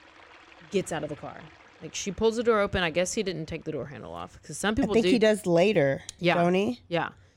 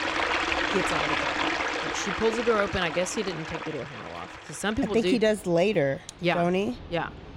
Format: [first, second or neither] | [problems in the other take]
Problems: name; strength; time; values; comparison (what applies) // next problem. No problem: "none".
first | rain or running water; loud; throughout; 1 dB below the speech; faint in the first